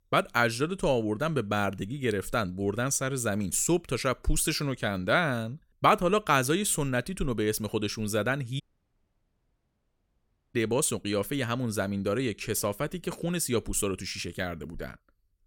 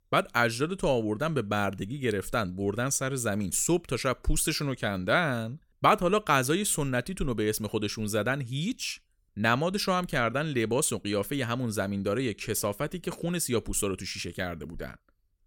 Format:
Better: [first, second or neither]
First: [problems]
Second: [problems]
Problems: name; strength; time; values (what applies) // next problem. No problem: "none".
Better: second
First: audio cutting out; at 8.5 s for 2 s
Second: none